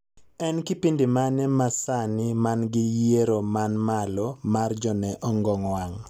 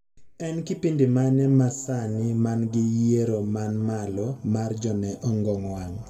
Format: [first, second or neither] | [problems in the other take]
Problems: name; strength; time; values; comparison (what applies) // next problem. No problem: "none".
first | room echo; dies away in 1.4 s